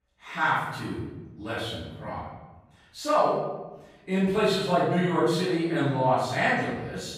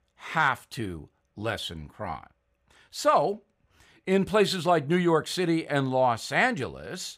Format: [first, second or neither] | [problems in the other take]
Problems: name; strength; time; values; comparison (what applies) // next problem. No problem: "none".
second | off-mic speech; far // room echo; strong; dies away in 1 s